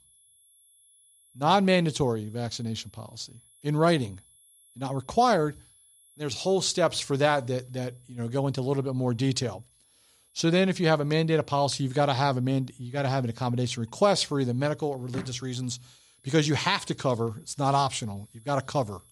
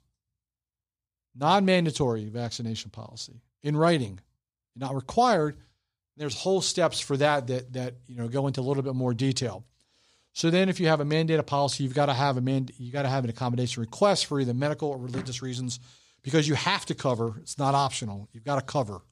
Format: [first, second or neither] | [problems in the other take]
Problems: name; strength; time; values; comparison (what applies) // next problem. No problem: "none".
second | high-pitched whine; faint; throughout; 10.5 kHz, 30 dB below the speech